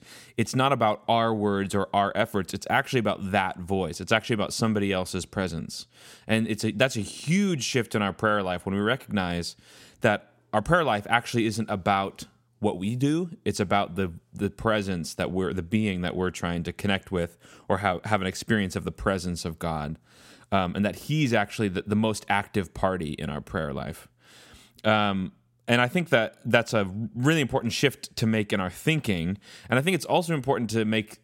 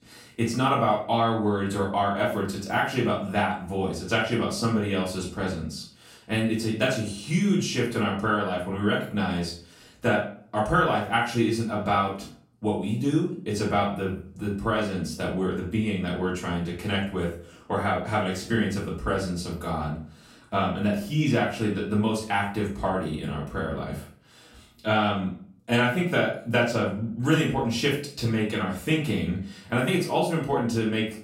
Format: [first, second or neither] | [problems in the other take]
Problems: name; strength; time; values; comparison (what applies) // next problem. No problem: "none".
first | off-mic speech; far // room echo; slight; dies away in 0.4 s